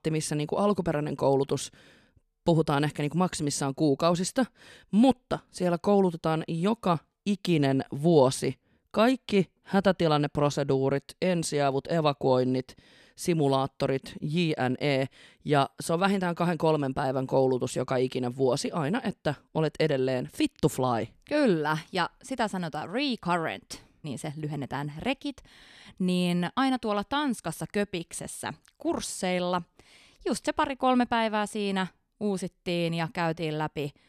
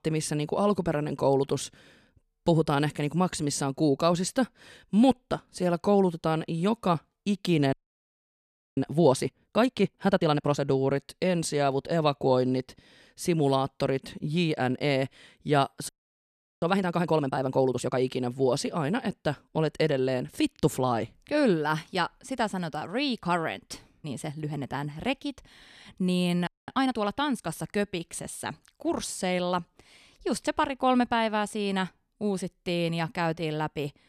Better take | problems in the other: first | audio freezing; at 7.5 s for 1 s, at 16 s for 0.5 s and at 26 s

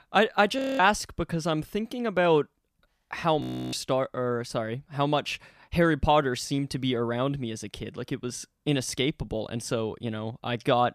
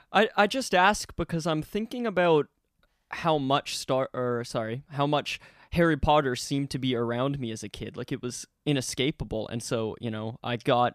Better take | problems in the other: second | audio freezing; at 0.5 s and at 3.5 s

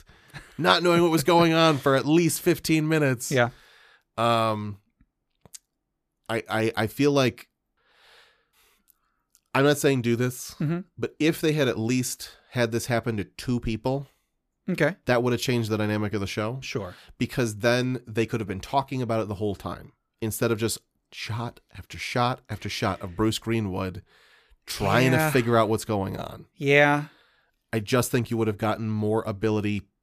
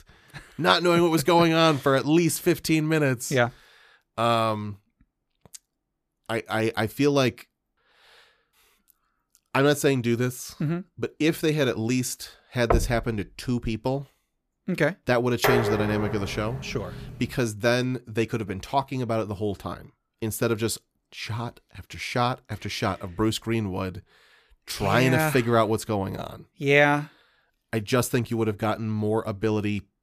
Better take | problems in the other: first | door banging; noticeable; at 13 s; peak 2 dB below the speech // clattering dishes; loud; from 15 to 17 s; peak 2 dB above the speech

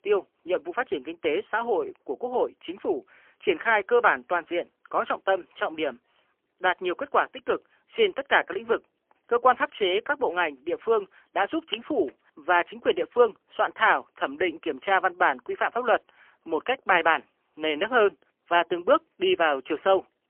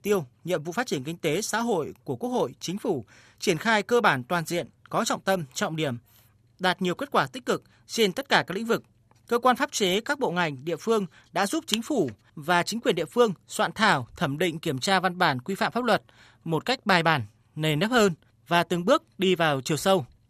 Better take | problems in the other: second | phone-call audio; poor line; nothing above 3 kHz

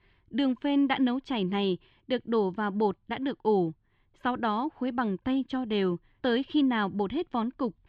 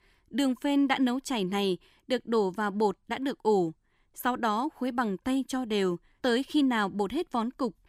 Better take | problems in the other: second | muffled; slightly; fading above 3.5 kHz

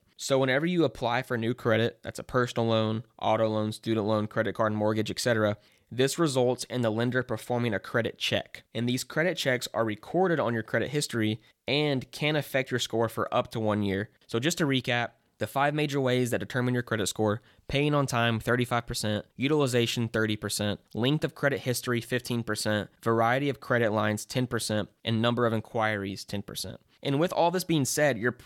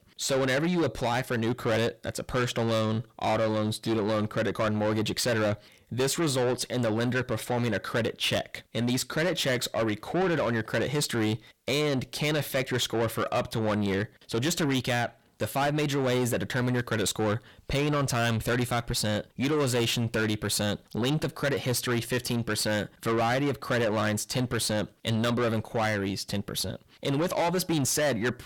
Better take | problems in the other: first | distortion; heavy; 7 dB below the speech

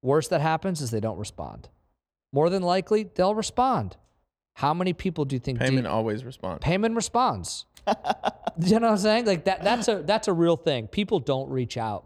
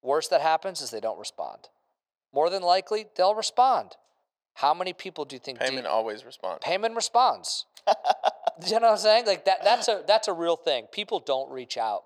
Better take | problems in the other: first | thin; very; fading below 550 Hz

